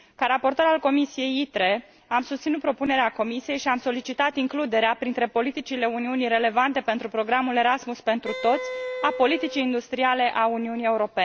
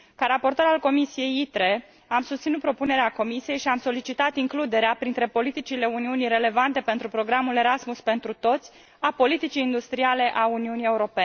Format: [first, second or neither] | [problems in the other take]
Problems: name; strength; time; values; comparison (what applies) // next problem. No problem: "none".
second | background sound (Wind instrument, woodwind instrument); 8 dB below the speech